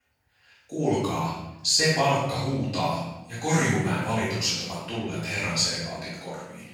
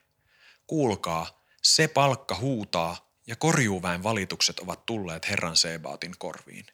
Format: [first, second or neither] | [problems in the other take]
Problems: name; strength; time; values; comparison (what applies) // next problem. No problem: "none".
second | off-mic speech; far // room echo; strong; dies away in 0.9 s